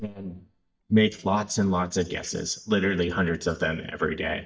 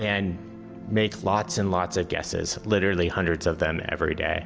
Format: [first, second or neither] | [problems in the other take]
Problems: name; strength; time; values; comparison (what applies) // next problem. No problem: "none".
second | noise reduction (neural mask model DeepFilterNet 3)